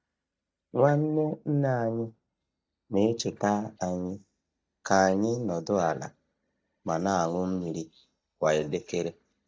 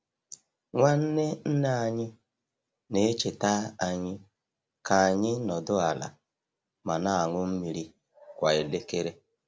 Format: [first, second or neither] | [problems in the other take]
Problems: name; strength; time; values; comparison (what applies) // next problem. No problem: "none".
second | noise reduction (neural mask model DeepFilterNet 3)